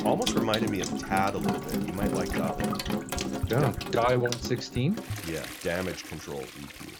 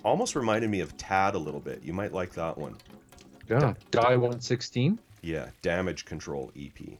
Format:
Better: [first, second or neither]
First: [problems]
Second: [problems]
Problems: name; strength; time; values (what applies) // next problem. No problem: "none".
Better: second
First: household noises; loud; throughout; 2 dB below the speech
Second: household noises; faint; throughout; 25 dB below the speech